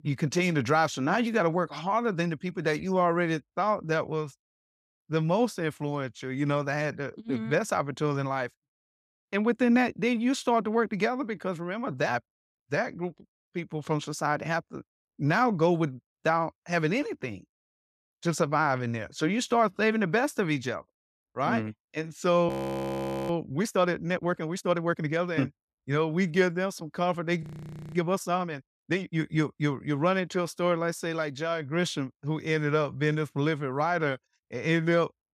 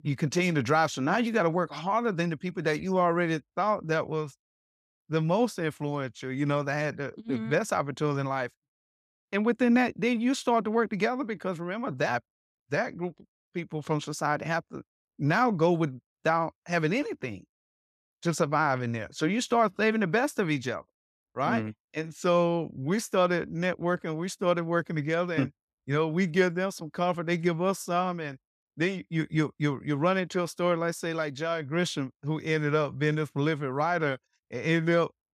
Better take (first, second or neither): second